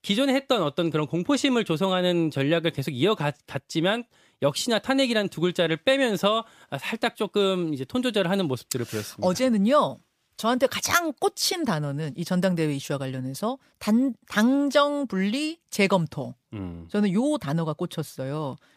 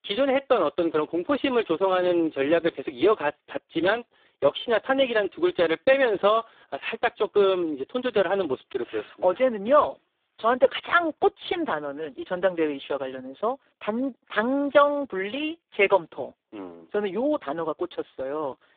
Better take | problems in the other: first | phone-call audio; poor line; nothing above 3.5 kHz

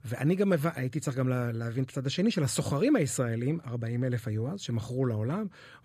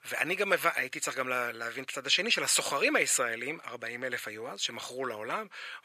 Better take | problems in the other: first | thin; very; fading below 800 Hz

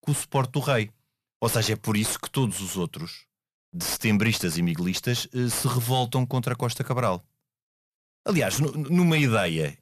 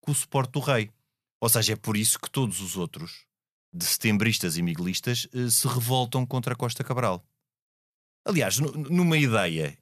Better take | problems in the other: second | distortion; slight; 10 dB below the speech

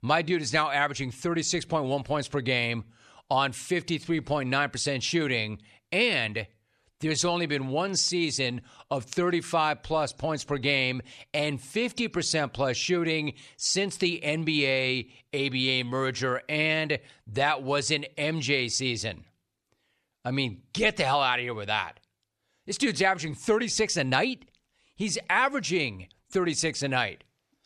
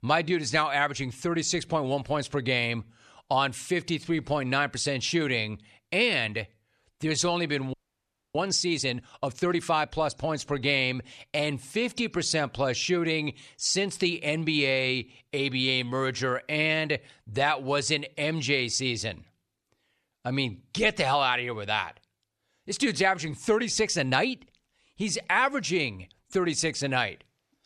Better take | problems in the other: first | audio freezing; at 7.5 s for 0.5 s

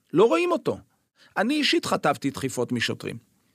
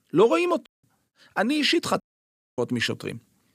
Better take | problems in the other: first | audio cutting out; at 0.5 s and at 2 s for 0.5 s

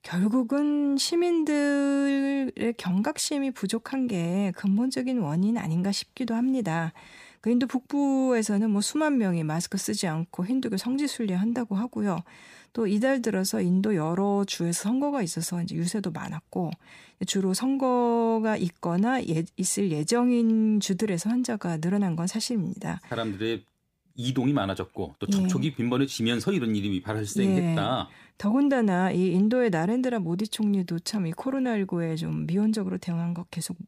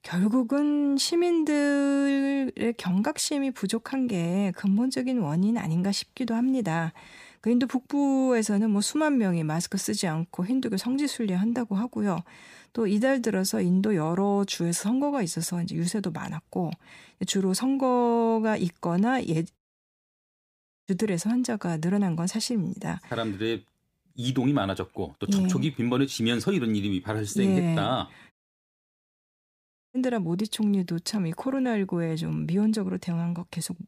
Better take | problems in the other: first | audio cutting out; at 20 s for 1.5 s and at 28 s for 1.5 s

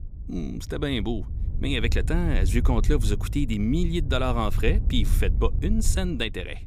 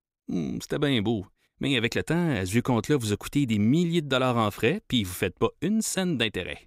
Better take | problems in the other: second | wind noise on the microphone; occasional gusts; 15 dB below the speech

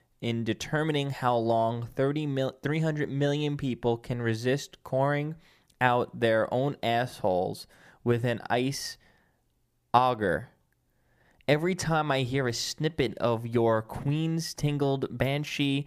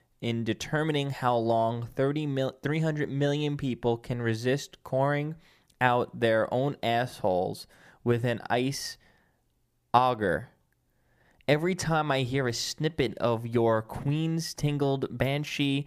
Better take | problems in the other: neither | none

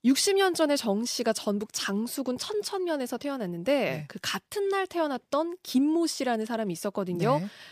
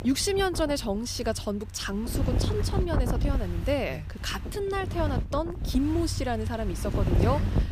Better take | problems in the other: first | wind noise on the microphone; heavy; 9 dB below the speech

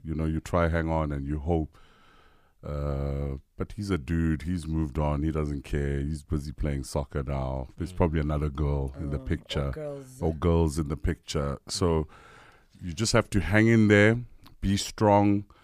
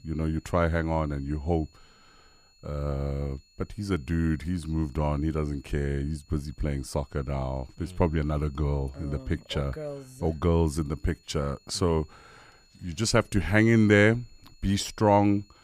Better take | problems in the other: first | high-pitched whine; faint; throughout; 4.5 kHz, 30 dB below the speech

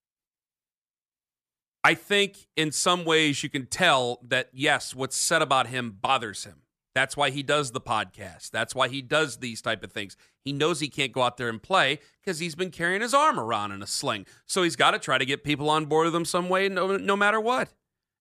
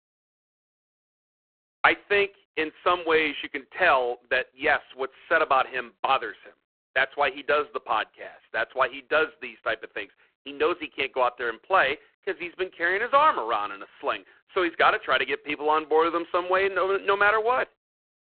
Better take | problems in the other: first | phone-call audio; poor line

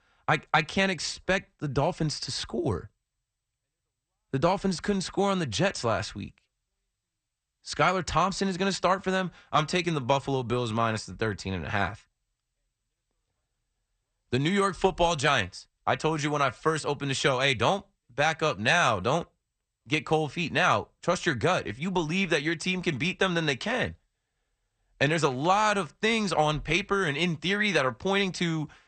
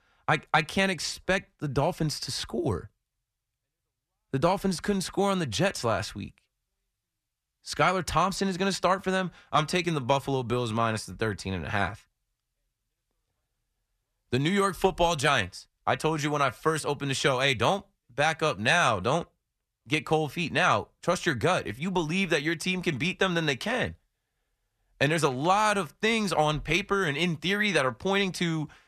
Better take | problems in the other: second | garbled, watery; slightly; nothing above 8.5 kHz

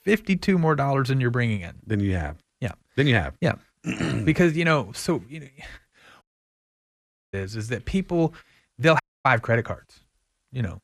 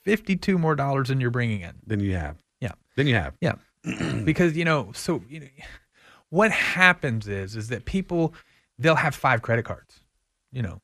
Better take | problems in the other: second | audio cutting out; at 6 s for 1 s and at 9 s

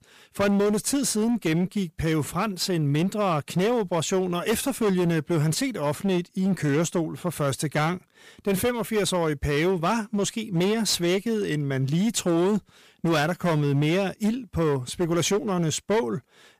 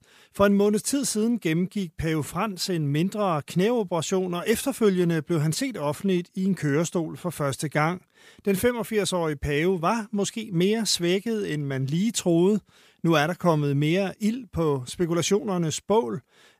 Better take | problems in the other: second | distortion; slight; 14% of the sound clipped

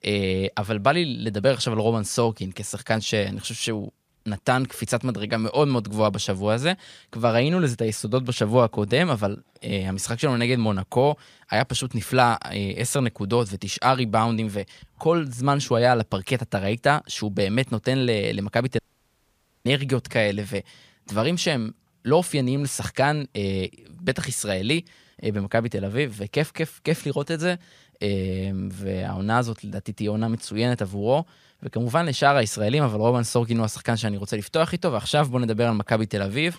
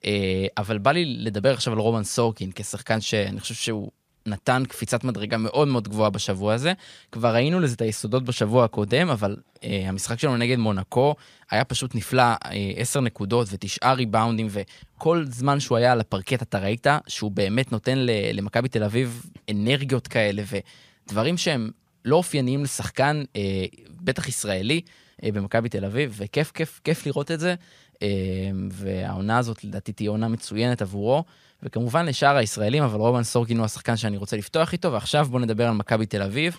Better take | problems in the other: second | audio cutting out; at 19 s for 1 s

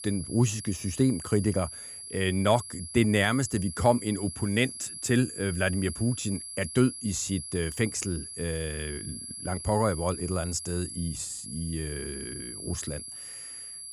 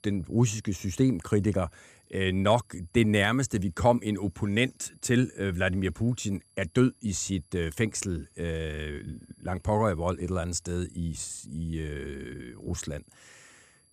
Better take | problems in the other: second | high-pitched whine; loud; throughout; 11 kHz, 9 dB below the speech; faint in the second

